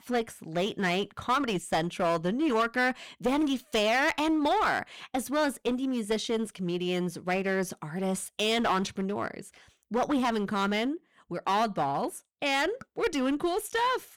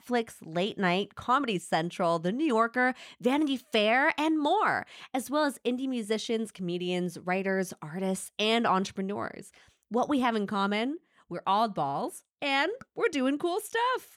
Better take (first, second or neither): second